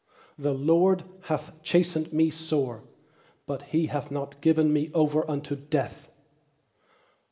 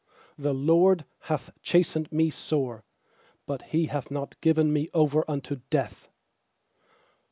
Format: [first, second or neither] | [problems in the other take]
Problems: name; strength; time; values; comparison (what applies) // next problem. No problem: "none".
second | room echo; dies away in 0.7 s